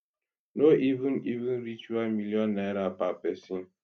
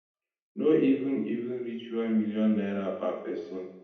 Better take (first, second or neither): first